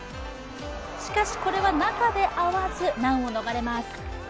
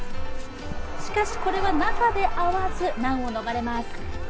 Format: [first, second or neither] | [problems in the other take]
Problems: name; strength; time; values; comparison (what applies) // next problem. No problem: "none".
first | background sound (Chewing, mastication / Livestock, farm animals, working animals); 1 dB below the speech // room echo; dies away in 0.3 s